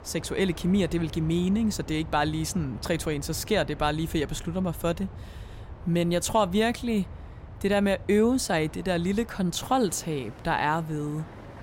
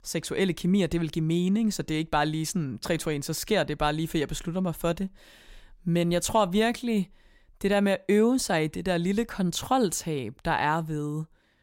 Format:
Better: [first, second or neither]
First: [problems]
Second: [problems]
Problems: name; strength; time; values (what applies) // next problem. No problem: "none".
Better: second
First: train or aircraft noise; noticeable; throughout; 15 dB below the speech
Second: none